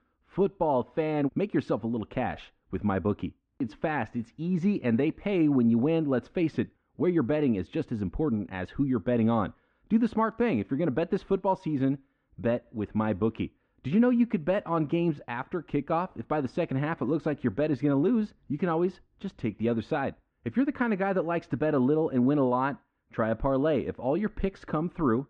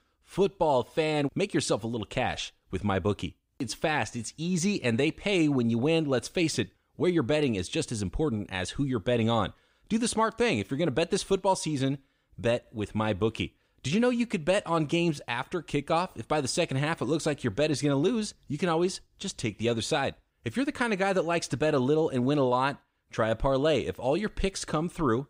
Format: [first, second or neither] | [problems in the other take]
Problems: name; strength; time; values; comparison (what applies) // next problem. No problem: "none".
second | muffled; very; fading above 1.5 kHz